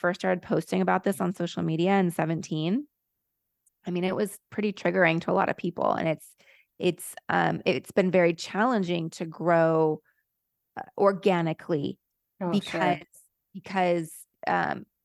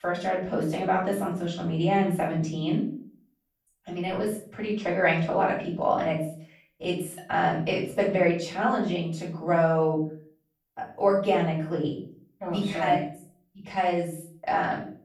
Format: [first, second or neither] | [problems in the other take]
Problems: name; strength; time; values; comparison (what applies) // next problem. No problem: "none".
first | off-mic speech; far // room echo; noticeable; dies away in 0.4 s